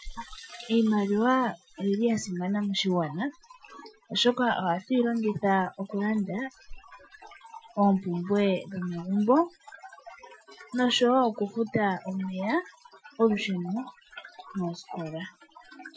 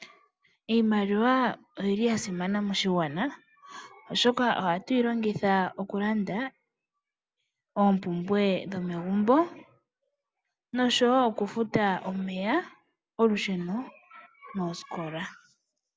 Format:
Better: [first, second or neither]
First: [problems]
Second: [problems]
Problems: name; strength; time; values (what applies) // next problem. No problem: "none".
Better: second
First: noise reduction (classical method Wiener filter)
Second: none